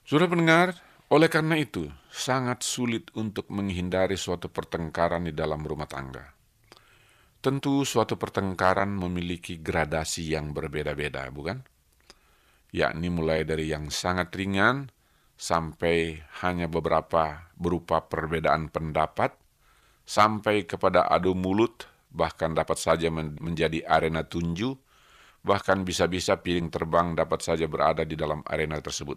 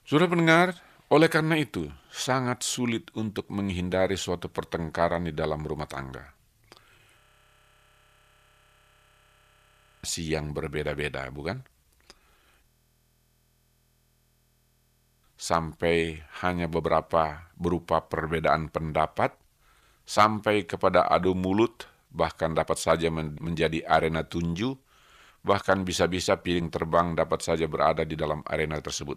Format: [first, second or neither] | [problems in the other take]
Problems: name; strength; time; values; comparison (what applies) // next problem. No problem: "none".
first | audio freezing; at 7 s for 3 s and at 13 s for 2.5 s